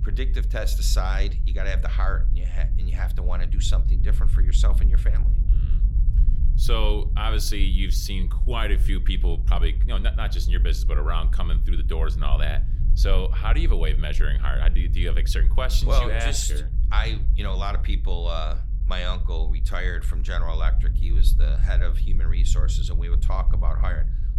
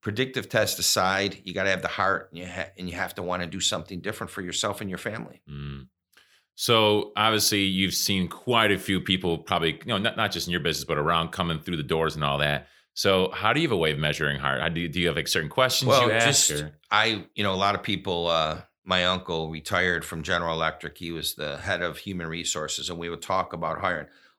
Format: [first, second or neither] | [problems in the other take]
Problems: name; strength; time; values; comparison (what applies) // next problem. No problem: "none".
second | low rumble; noticeable; throughout; 15 dB below the speech